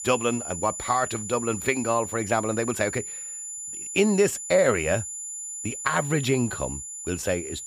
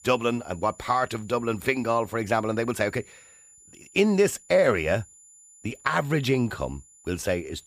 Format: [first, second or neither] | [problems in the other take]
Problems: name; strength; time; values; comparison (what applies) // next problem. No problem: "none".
second | high-pitched whine; loud; throughout; 7 kHz, 7 dB below the speech; faint in the second